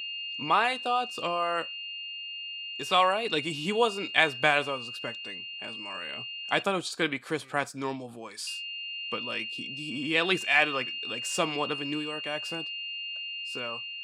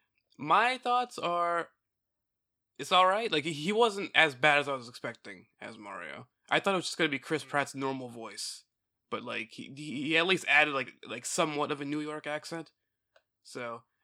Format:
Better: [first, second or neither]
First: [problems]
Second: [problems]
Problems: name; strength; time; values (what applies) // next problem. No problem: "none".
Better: second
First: high-pitched whine; loud; until 6.5 s and from 8.5 s on; 3 kHz, 7 dB below the speech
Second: none